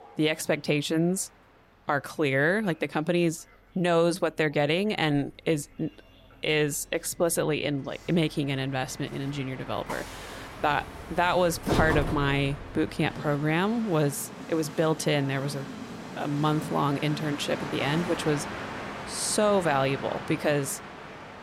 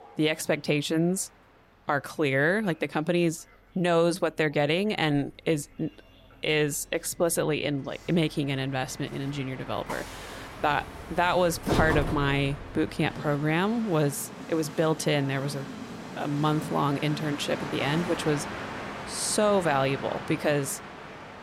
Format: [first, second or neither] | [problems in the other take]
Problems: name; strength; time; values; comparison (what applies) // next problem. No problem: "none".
neither | train or aircraft noise; loud; throughout; 10 dB below the speech; the same in both